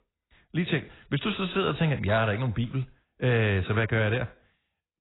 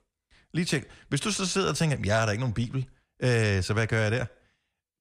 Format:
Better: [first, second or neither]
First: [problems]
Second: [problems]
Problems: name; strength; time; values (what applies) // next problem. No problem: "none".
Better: second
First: garbled, watery; badly; nothing above 4 kHz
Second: none